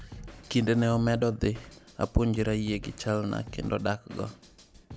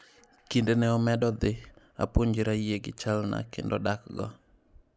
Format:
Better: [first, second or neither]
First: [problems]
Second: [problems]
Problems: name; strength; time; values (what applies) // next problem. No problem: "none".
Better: second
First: background sound (Drum kit); 17 dB below the speech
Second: none